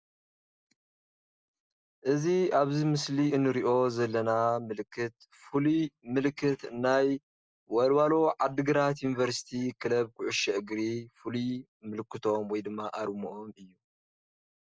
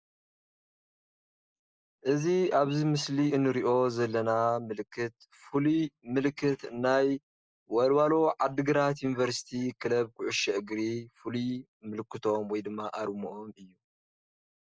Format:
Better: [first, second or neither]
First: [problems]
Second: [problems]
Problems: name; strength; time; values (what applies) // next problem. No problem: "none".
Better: first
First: none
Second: noise reduction (neural mask model Resemble Enhance denoiser)